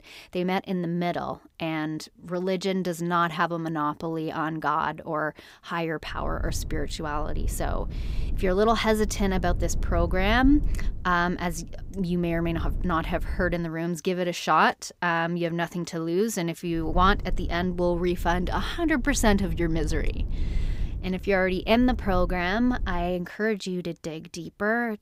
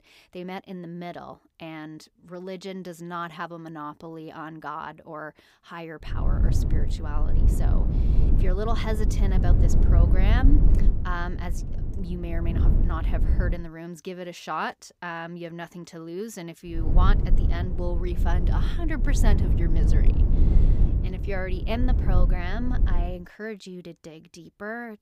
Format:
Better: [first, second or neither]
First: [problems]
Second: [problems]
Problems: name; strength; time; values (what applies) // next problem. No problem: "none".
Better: first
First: low rumble; faint; from 6 to 14 s and from 17 to 23 s; 25 dB below the speech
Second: low rumble; loud; from 6 to 14 s and from 17 to 23 s; 5 dB below the speech